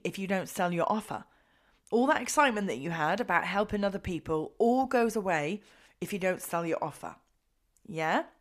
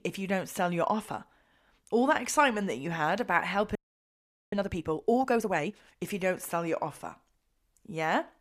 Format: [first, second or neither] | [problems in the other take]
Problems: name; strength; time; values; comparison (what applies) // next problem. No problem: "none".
first | audio freezing; at 4 s for 1 s